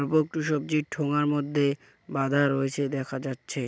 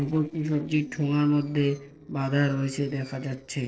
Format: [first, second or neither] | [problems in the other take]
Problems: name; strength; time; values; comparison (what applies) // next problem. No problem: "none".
first | noise reduction (neural separator model SepFormer DNS4)